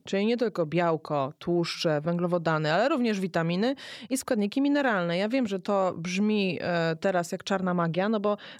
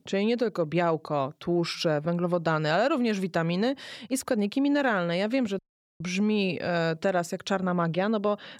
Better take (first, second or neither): first